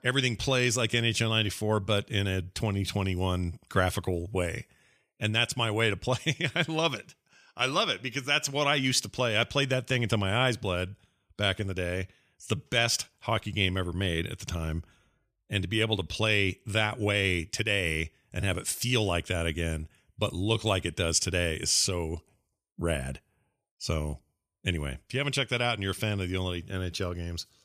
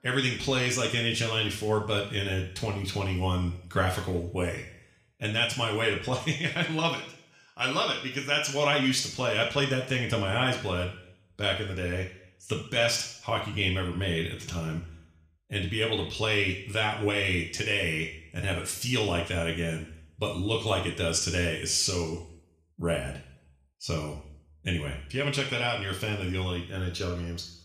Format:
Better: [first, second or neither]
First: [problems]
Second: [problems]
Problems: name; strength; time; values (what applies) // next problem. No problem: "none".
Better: first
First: none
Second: room echo; slight; dies away in 0.6 s // off-mic speech; somewhat distant